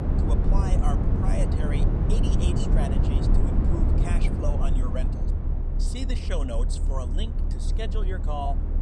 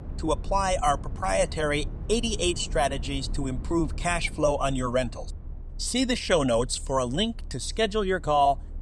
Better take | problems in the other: second | low rumble; loud; throughout; as loud as the speech; faint in the second

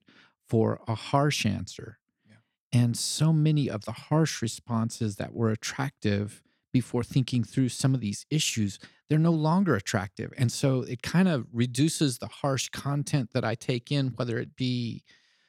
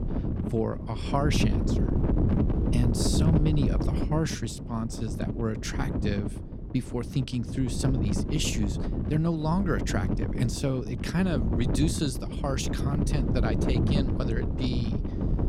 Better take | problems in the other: first | wind noise on the microphone; heavy; 3 dB below the speech

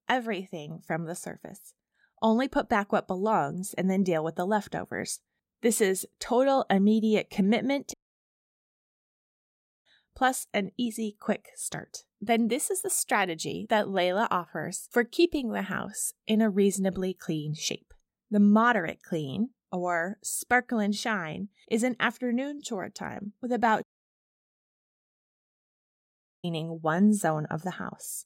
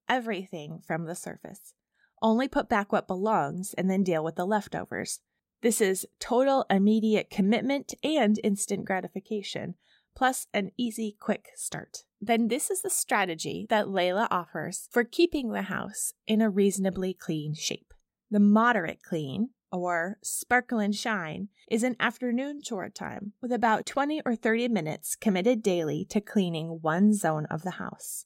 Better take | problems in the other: second | audio cutting out; at 8 s for 2 s and at 24 s for 2.5 s

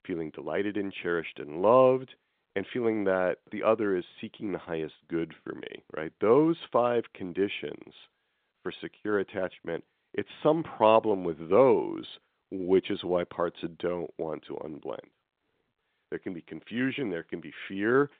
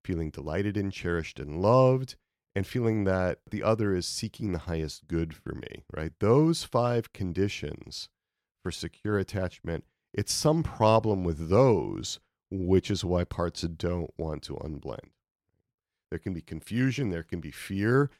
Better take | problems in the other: second | phone-call audio; nothing above 3.5 kHz

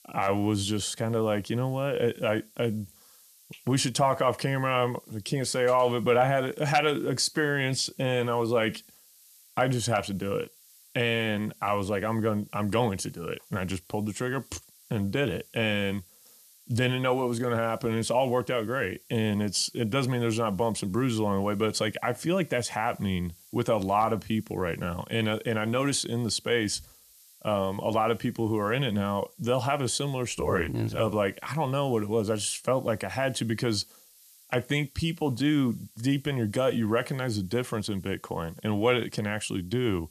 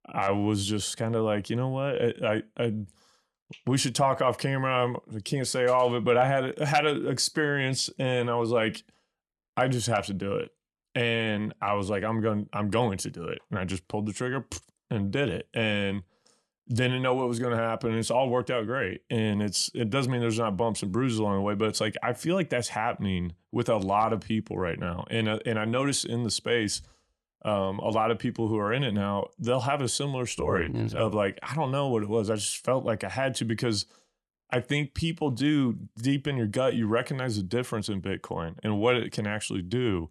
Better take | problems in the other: second | hiss; faint; throughout; 25 dB below the speech

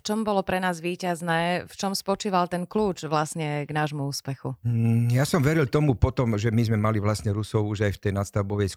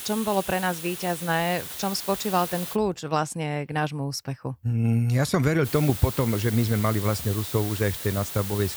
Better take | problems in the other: first | hiss; loud; until 3 s and from 5.5 s on; 8 dB below the speech

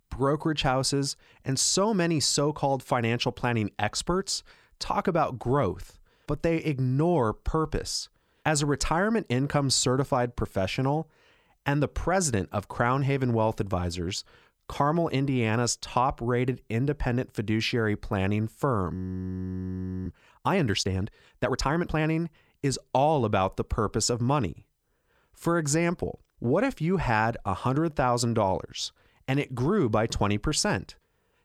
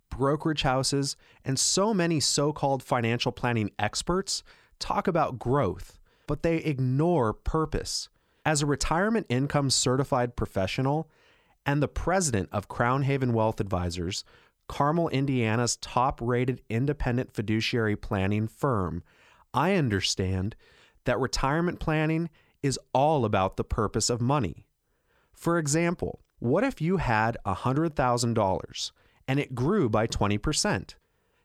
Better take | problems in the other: second | audio freezing; at 19 s for 1 s

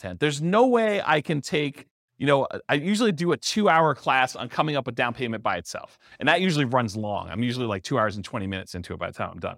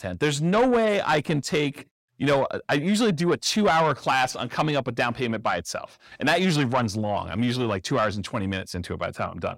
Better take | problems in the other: first | distortion; slight; 10 dB below the speech

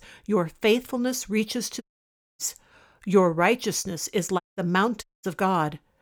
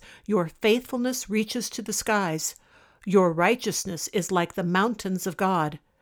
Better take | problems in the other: second | audio cutting out; at 2 s for 0.5 s, at 4.5 s and at 5 s

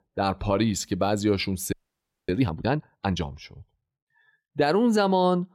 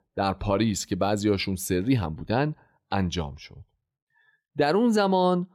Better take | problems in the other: second | audio freezing; at 1.5 s for 0.5 s

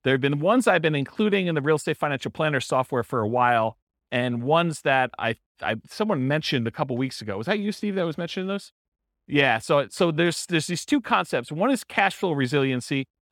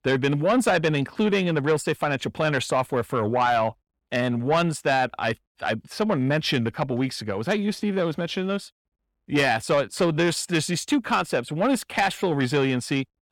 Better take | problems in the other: first | distortion; slight; 10 dB below the speech

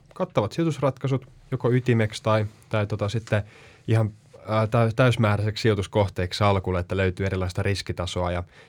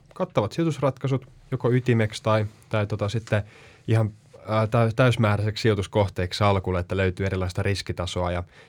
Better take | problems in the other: neither | none

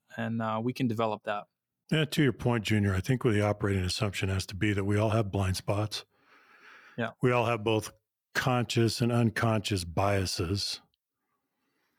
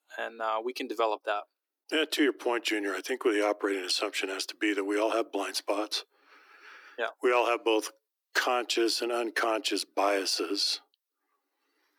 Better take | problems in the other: first | thin; very; fading below 300 Hz

